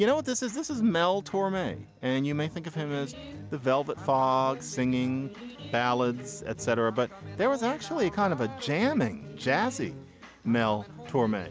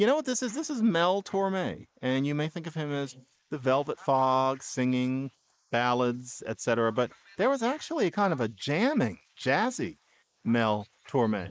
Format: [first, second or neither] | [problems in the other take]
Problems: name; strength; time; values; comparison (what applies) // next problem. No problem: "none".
first | noise reduction (neural mask model Resemble Enhance denoiser)